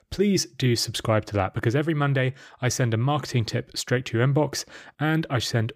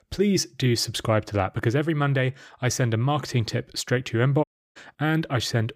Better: first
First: none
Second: audio cutting out; at 4.5 s

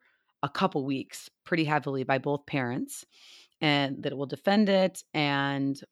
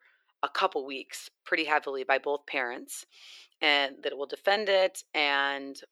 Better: first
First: none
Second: thin; very; fading below 400 Hz

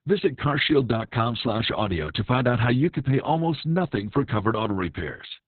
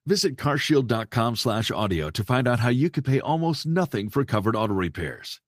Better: second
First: garbled, watery; badly; nothing above 4 kHz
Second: garbled, watery; slightly; nothing above 15 kHz

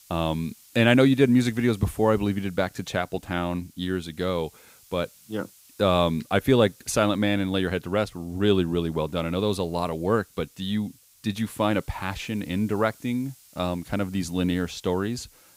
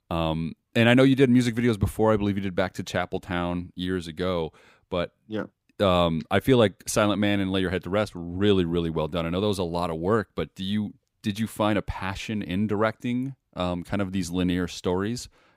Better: second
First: hiss; faint; throughout; 25 dB below the speech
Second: none

